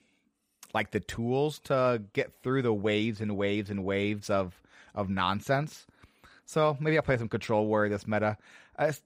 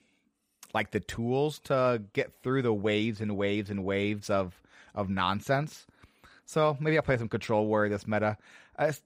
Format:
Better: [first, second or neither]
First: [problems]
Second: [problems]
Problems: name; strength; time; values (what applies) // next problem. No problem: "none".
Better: neither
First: none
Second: none